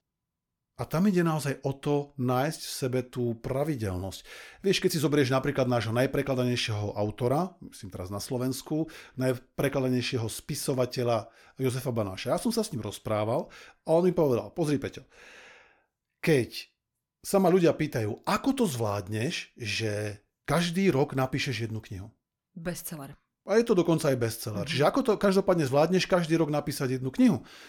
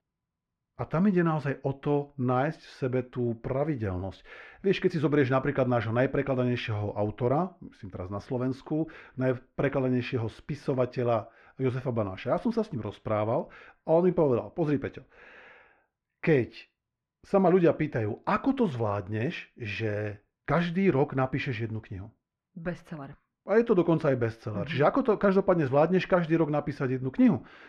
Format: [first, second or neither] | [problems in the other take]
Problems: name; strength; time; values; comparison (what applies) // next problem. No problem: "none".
first | muffled; very; fading above 2 kHz